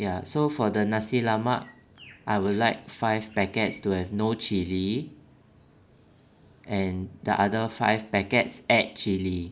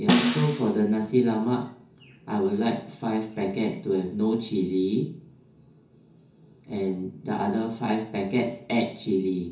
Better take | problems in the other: first | background sound (Snare drum); 1 dB above the speech // room echo; dies away in 0.6 s

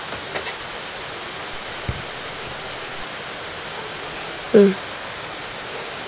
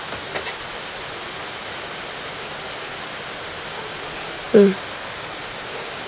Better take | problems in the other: second | background sound (Raindrop / Drip); 11 dB below the speech

